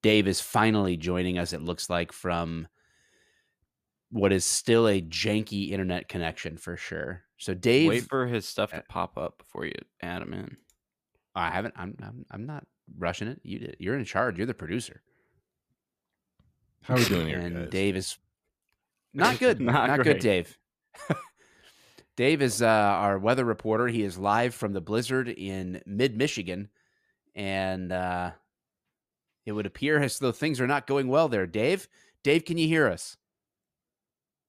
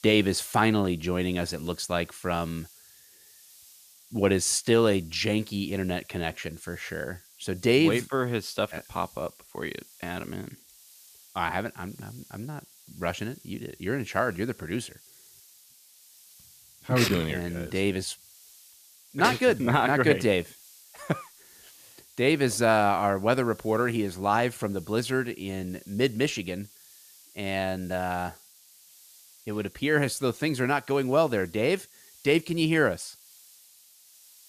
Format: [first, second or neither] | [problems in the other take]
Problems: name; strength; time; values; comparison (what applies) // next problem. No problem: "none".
first | hiss; faint; throughout; 25 dB below the speech